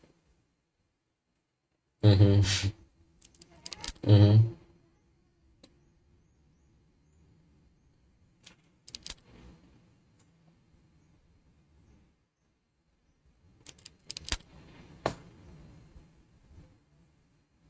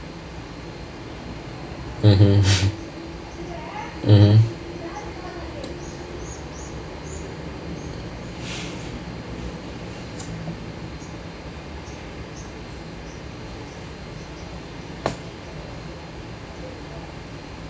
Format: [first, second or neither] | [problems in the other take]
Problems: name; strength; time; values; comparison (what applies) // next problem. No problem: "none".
second | noise reduction (neural mask model RNNoise)